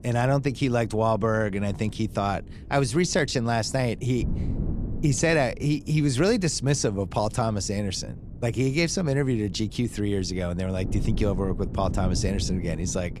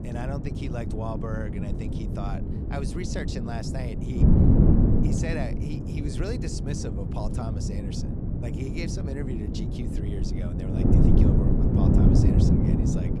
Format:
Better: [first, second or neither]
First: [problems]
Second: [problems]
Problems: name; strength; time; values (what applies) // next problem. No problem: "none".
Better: first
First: wind noise on the microphone; occasional gusts; 20 dB below the speech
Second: wind noise on the microphone; heavy; 4 dB above the speech